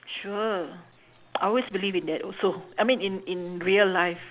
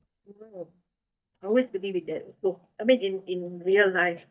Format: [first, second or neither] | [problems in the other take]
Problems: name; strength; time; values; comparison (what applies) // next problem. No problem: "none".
first | noise reduction (neural mask model DeepFilterNet 3)